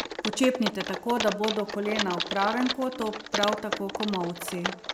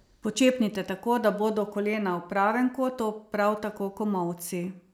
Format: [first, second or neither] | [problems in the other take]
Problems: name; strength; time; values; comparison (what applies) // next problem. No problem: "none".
second | background sound (Typing); 5 dB below the speech